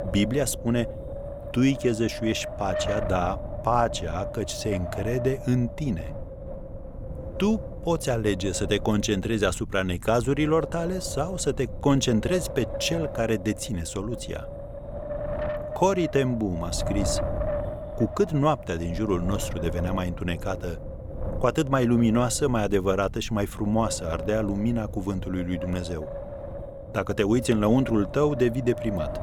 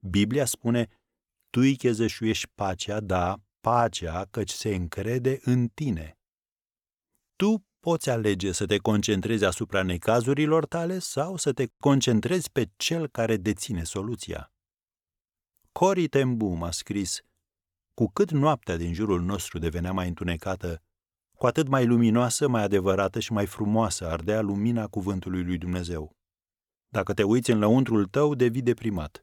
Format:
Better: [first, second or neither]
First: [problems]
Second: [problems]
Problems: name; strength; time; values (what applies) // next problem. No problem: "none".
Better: second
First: wind noise on the microphone; heavy; 8 dB below the speech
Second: none